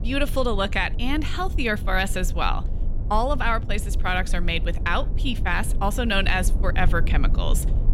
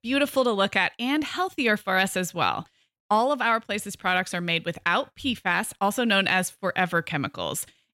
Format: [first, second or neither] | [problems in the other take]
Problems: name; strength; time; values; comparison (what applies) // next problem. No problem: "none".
second | low rumble; noticeable; throughout; 20 dB below the speech